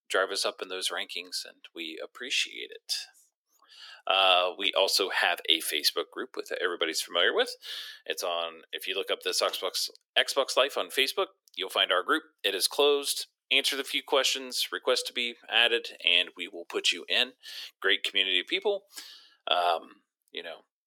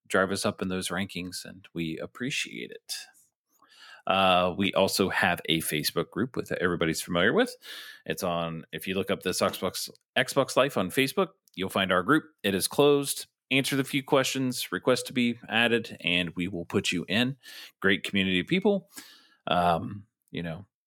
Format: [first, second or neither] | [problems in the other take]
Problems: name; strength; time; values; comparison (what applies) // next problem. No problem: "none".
second | thin; very; fading below 350 Hz